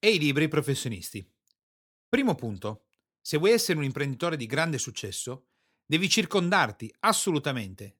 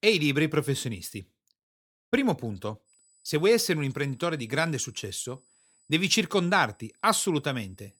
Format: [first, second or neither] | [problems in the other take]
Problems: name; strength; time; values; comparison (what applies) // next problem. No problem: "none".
first | high-pitched whine; faint; from 3 s on; 8 kHz, 35 dB below the speech